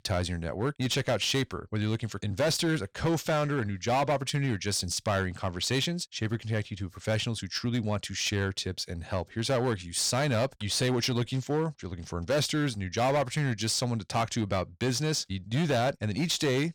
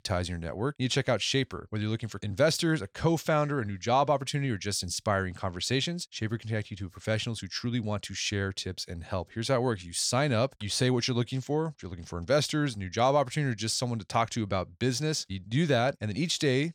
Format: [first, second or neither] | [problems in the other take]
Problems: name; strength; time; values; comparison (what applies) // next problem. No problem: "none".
second | distortion; slight; 10% of the sound clipped